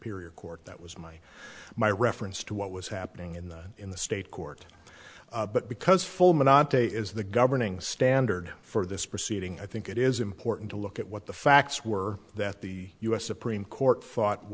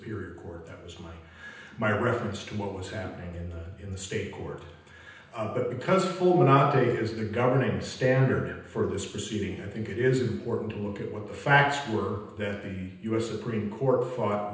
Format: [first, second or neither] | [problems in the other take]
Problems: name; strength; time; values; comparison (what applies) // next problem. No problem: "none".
first | room echo; dies away in 0.9 s